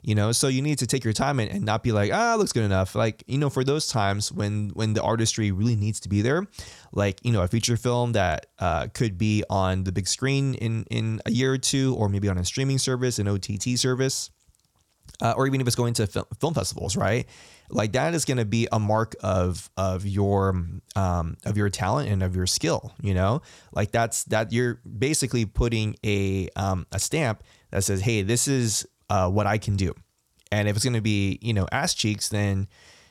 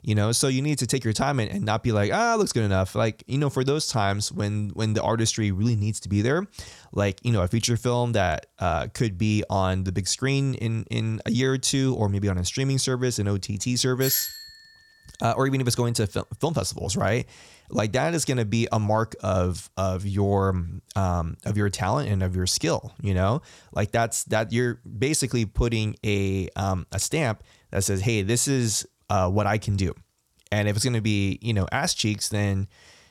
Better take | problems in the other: first | doorbell; noticeable; at 14 s; peak level with the speech

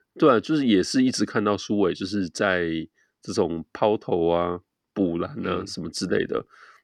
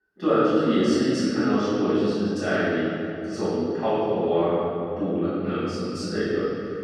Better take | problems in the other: first | room echo; strong; dies away in 2.7 s // off-mic speech; far

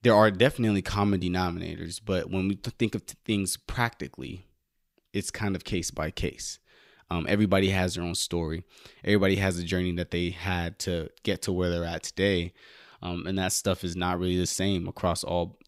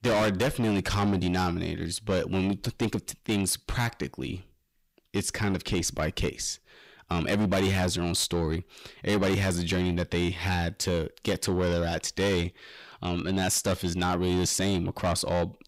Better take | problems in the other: first | distortion; heavy; 6 dB below the speech

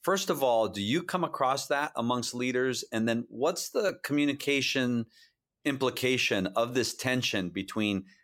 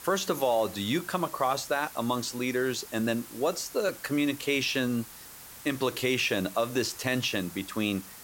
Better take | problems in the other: first | hiss; noticeable; throughout; 15 dB below the speech

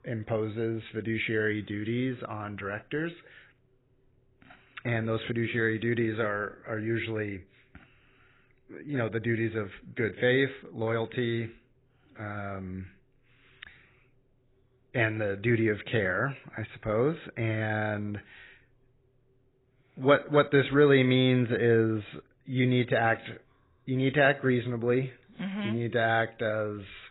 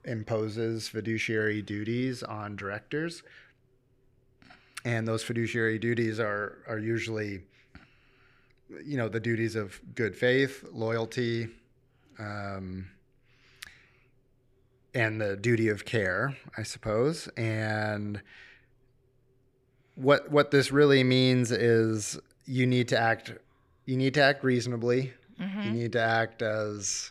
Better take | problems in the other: second | garbled, watery; badly; nothing above 4 kHz

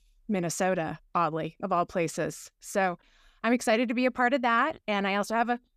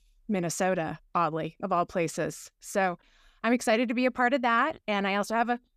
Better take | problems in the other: neither | none

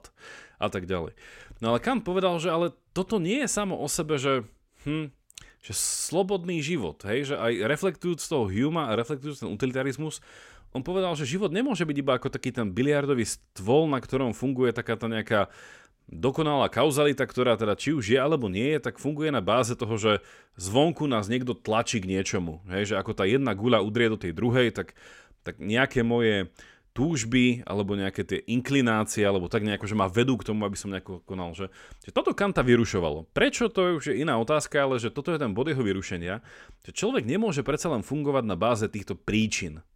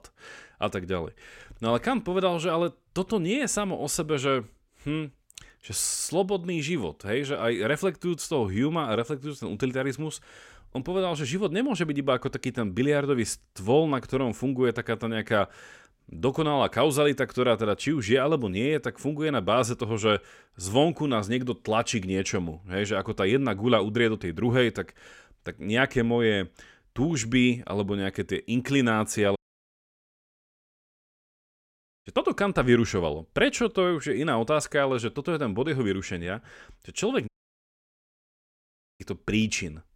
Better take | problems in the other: first | audio cutting out; at 29 s for 2.5 s and at 37 s for 1.5 s

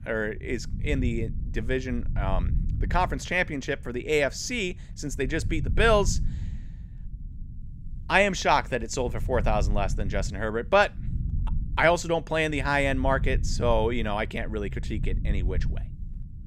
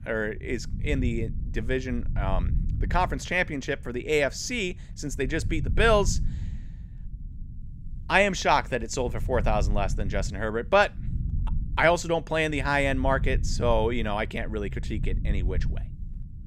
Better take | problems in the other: neither | low rumble; faint; throughout; 25 dB below the speech; the same in both

